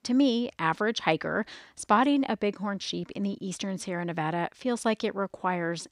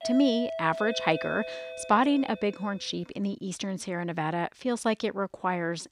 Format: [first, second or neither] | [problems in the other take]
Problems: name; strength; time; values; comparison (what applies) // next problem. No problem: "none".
first | doorbell; noticeable; until 2.5 s; peak 5 dB below the speech